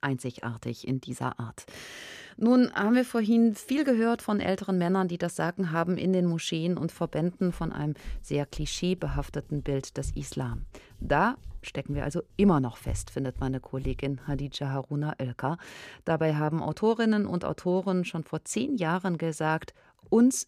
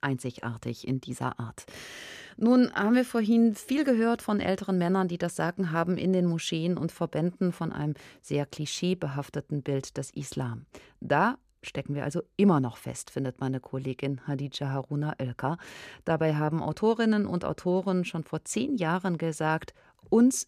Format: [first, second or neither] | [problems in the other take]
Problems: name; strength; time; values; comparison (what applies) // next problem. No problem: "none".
second | footsteps; noticeable; from 7.5 to 14 s; peak 9 dB below the speech